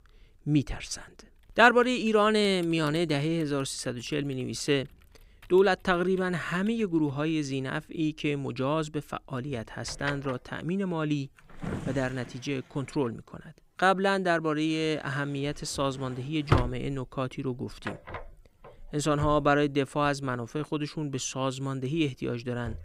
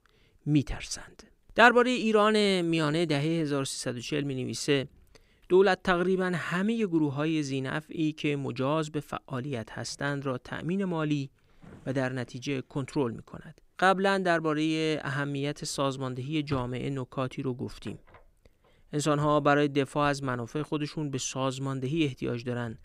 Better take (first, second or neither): second